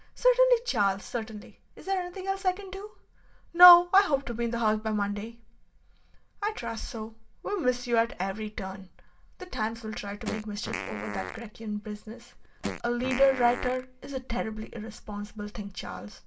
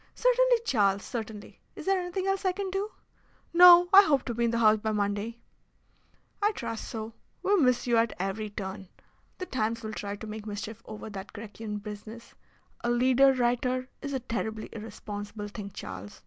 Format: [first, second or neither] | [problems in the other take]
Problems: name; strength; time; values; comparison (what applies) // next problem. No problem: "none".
second | background sound (Fart); 10 dB below the speech // room echo; dies away in 0.2 s